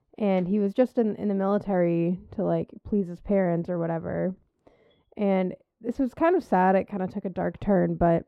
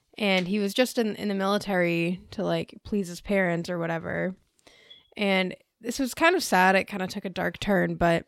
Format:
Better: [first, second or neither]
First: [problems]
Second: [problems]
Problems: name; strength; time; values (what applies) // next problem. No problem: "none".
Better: second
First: muffled; very; fading above 2 kHz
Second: none